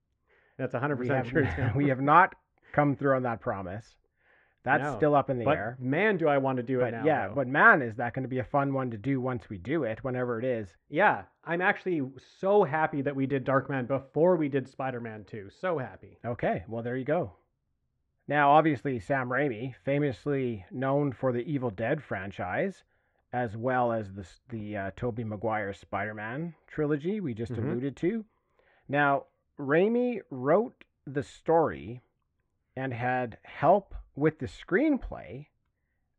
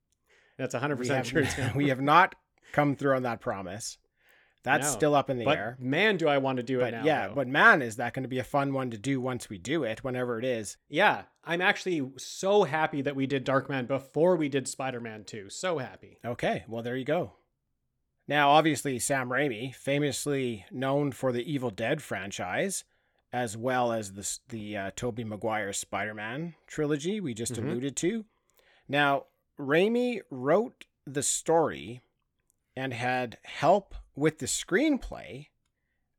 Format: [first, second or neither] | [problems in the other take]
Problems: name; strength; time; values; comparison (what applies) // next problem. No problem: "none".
second | muffled; very; fading above 1.5 kHz